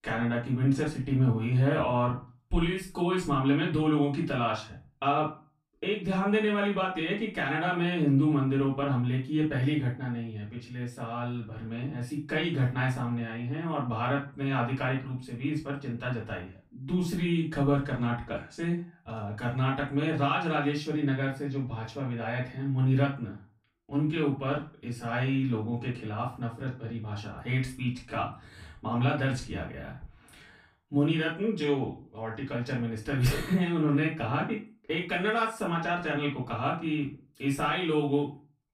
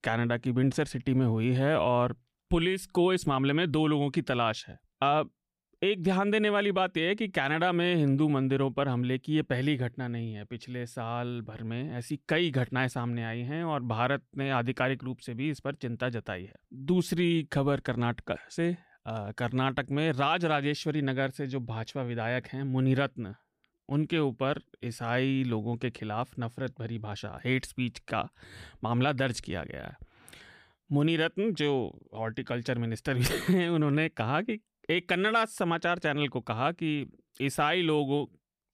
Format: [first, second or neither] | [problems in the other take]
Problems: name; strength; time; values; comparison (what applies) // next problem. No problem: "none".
second | off-mic speech; far // room echo; slight; dies away in 0.3 s